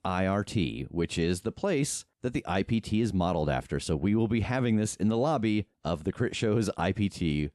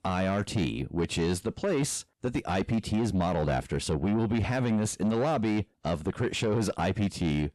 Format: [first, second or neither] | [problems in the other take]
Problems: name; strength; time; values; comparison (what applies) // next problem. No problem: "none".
first | distortion; slight; 10 dB below the speech